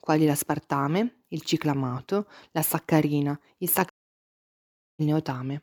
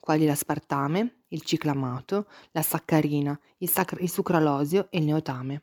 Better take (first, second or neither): second